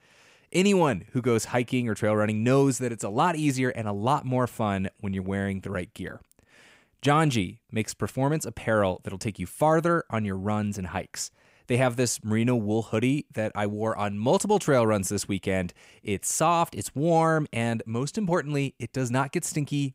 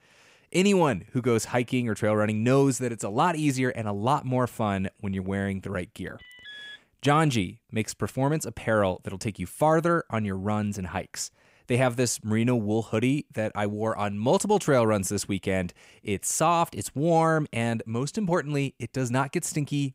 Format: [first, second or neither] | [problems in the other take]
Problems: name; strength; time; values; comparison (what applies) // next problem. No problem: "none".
first | alarm; faint; at 6 s; peak 15 dB below the speech